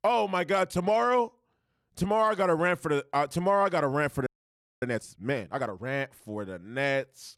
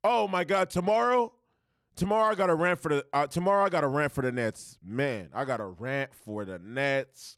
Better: second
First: audio freezing; at 4.5 s for 0.5 s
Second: none

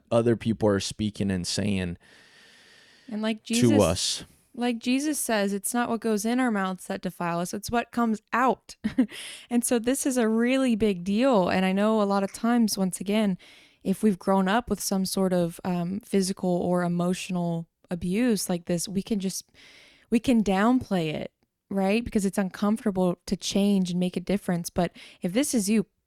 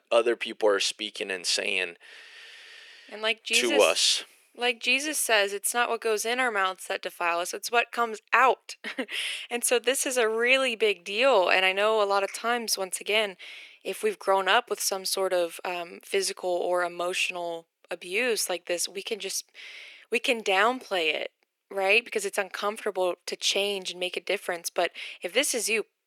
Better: first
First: none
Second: thin; very; fading below 400 Hz

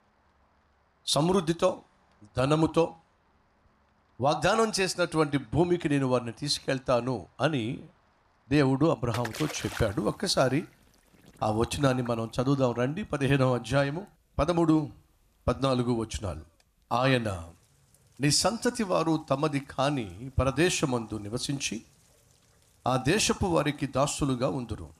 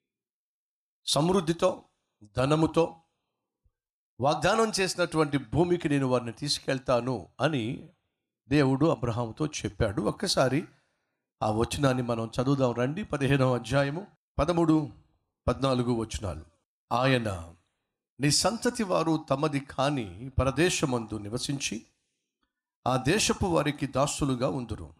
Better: second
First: rain or running water; noticeable; throughout; 20 dB below the speech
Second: none

